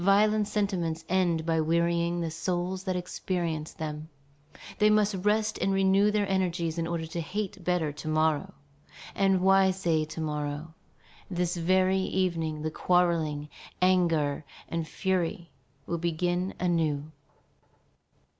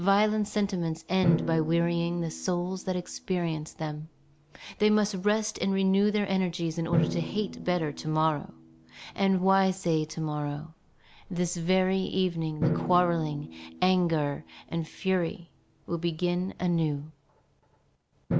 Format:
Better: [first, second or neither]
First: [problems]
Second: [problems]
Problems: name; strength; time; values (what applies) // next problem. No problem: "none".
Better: first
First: none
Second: background sound (Drum); 10 dB below the speech